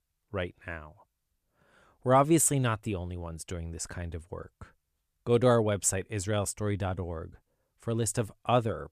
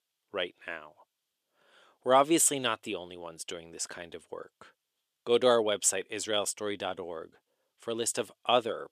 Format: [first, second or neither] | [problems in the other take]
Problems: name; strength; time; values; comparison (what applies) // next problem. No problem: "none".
first | thin; somewhat; fading below 400 Hz